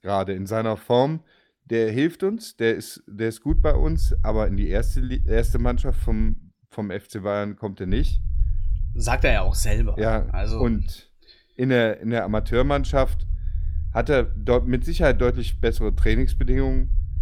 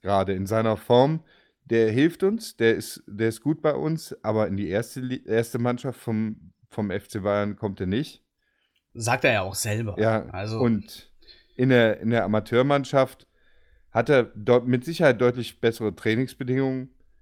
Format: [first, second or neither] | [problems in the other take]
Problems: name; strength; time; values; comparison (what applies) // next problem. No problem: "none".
second | low rumble; faint; from 3.5 to 6.5 s, from 8 to 11 s and from 12 s on; 25 dB below the speech